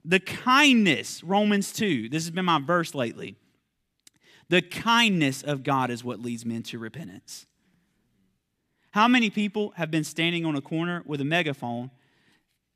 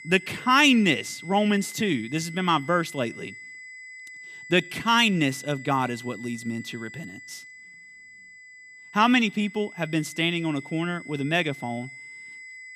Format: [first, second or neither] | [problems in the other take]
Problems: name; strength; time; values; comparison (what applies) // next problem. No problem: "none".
first | high-pitched whine; noticeable; throughout; 2 kHz, 15 dB below the speech